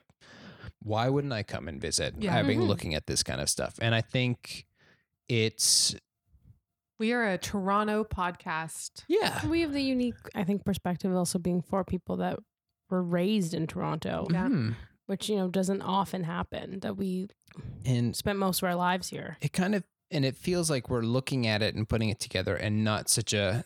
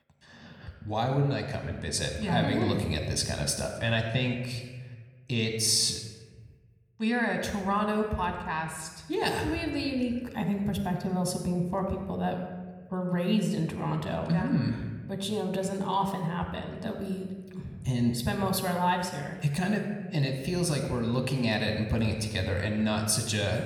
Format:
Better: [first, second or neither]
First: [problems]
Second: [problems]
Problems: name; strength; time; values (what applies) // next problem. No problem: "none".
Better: first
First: none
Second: room echo; slight; dies away in 1.1 s